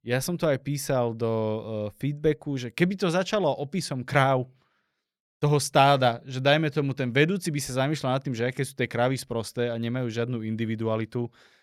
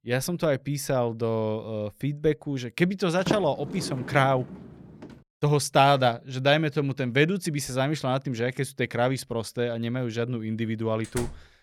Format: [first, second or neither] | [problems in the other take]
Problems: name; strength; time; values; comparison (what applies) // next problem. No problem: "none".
first | door banging; noticeable; from 3 to 4.5 s; peak 4 dB below the speech // door banging; faint; at 11 s; peak 10 dB below the speech